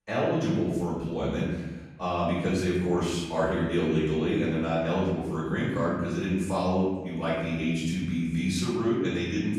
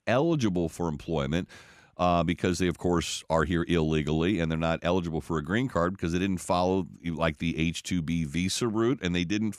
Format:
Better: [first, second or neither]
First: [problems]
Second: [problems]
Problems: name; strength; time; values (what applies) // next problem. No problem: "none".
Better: second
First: room echo; noticeable; dies away in 1.1 s // off-mic speech; far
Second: none